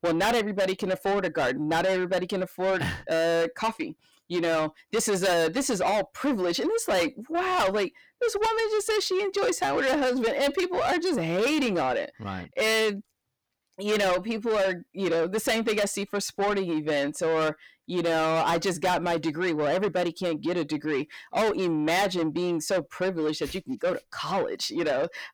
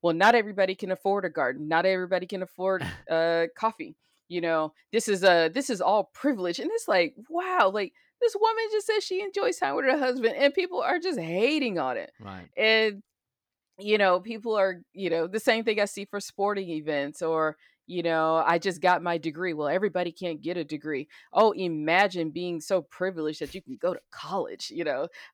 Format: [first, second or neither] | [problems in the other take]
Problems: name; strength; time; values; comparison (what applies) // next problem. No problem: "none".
second | distortion; heavy; 6 dB below the speech